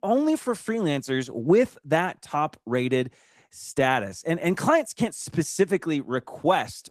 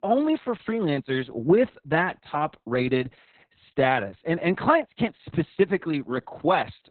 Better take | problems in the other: first | garbled, watery; badly; nothing above 4 kHz; slightly in the first

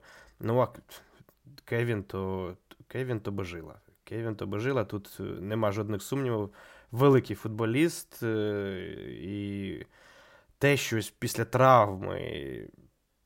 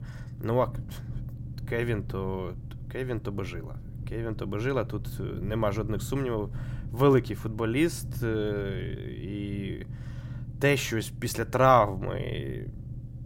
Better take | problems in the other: first | low rumble; faint; throughout; 20 dB below the speech

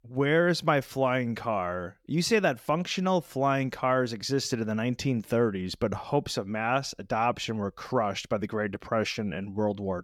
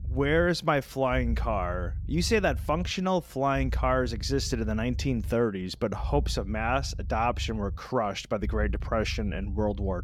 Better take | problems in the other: first | low rumble; faint; throughout; 25 dB below the speech

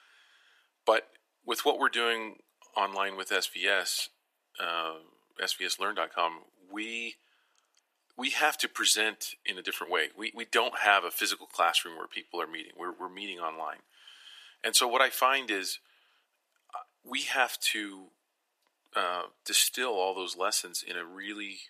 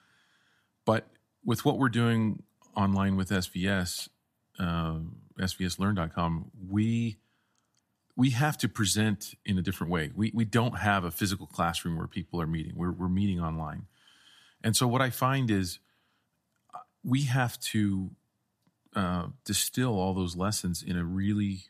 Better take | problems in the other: second | thin; very; fading below 400 Hz

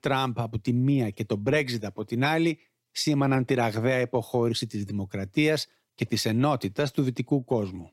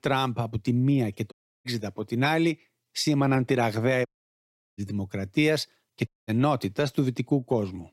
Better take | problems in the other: first | audio cutting out; at 1.5 s, at 4 s for 0.5 s and at 6 s

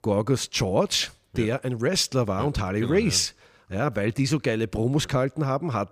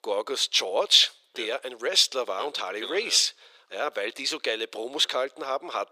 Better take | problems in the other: first | thin; very; fading below 450 Hz

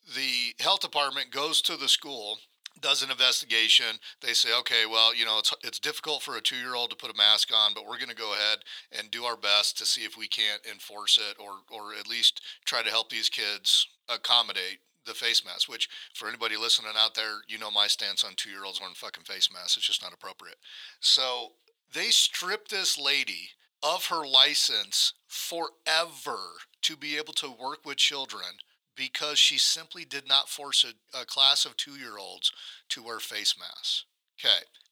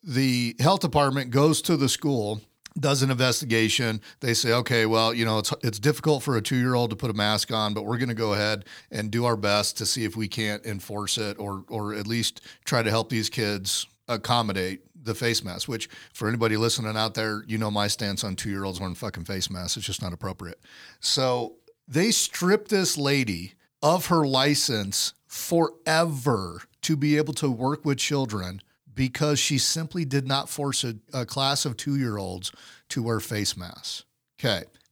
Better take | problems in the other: second | thin; very; fading below 700 Hz

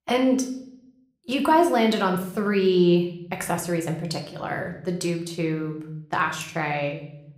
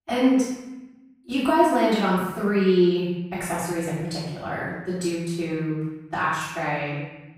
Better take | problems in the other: first | room echo; strong; dies away in 1 s; slight in the first // off-mic speech; far

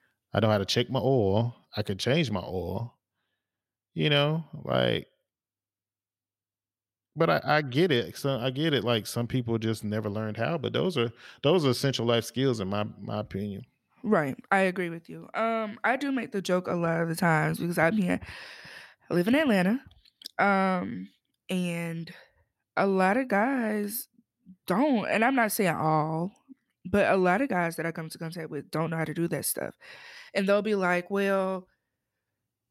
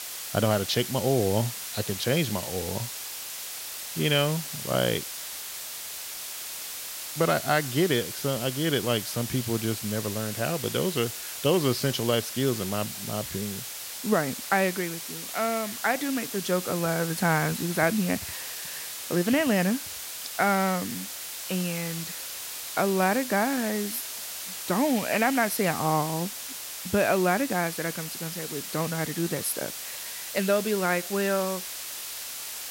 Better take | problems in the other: first | hiss; loud; throughout; 6 dB below the speech

